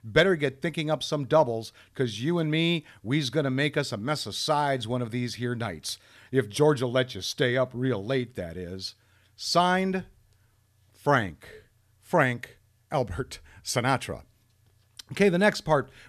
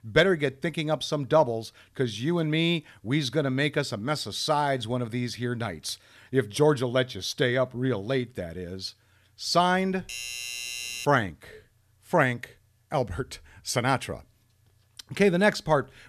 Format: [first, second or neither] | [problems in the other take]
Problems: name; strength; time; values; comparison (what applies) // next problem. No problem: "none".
first | doorbell; noticeable; from 10 to 11 s; peak 5 dB below the speech